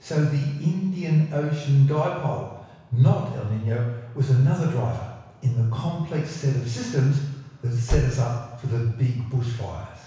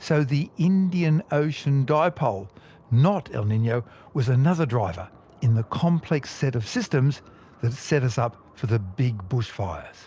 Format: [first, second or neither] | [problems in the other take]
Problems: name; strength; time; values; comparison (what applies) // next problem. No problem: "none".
second | background sound (Car); 7 dB below the speech // room echo; dies away in 1.1 s